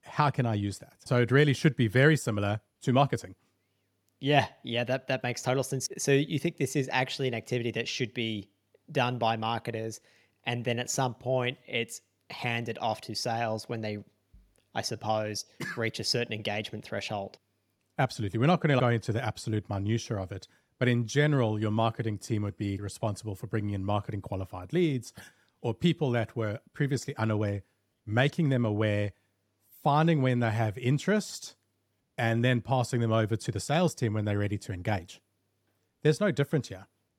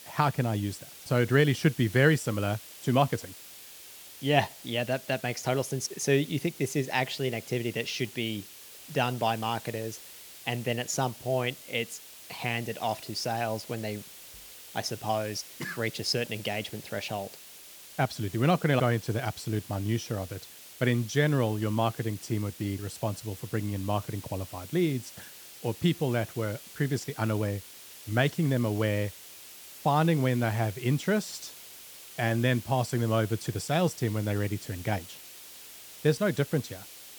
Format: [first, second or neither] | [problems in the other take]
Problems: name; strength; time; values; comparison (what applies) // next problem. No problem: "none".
first | hiss; noticeable; throughout; 15 dB below the speech